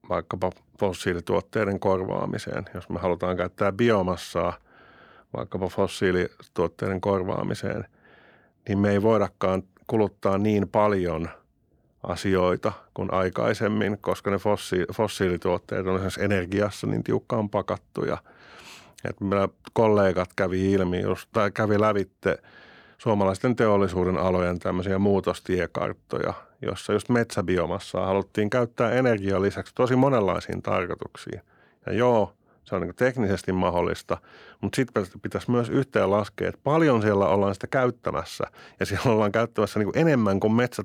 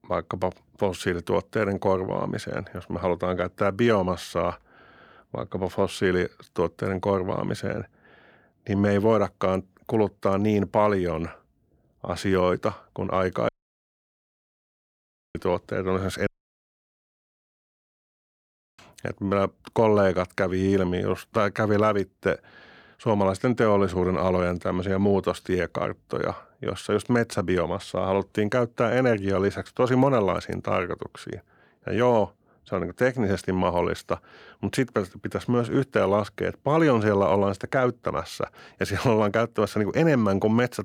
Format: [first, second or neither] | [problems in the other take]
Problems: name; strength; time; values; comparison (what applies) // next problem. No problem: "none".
first | audio cutting out; at 13 s for 2 s and at 16 s for 2.5 s